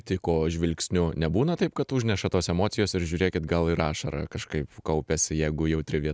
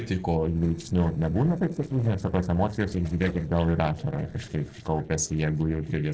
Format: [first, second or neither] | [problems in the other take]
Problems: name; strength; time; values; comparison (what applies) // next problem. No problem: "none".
first | noise reduction (neural separator model SepFormer DNS4)